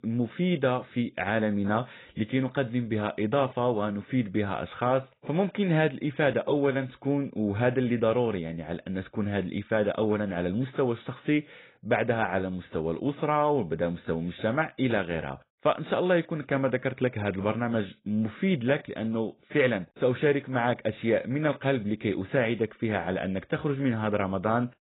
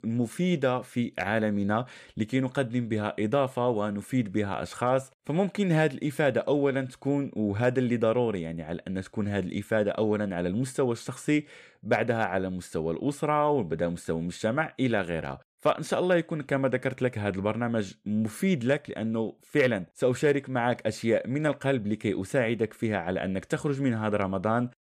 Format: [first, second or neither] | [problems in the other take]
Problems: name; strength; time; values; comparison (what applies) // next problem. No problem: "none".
second | garbled, watery; badly; nothing above 4 kHz